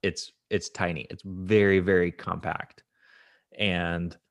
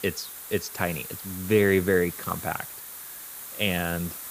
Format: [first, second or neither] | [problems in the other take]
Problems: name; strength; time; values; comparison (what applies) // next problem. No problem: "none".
first | hiss; loud; throughout; 10 dB below the speech